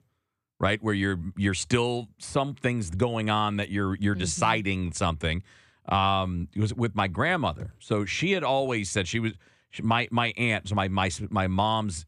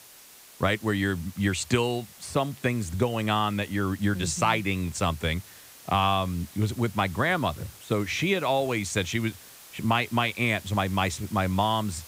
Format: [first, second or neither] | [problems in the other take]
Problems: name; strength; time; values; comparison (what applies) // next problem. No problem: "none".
first | hiss; noticeable; throughout; 20 dB below the speech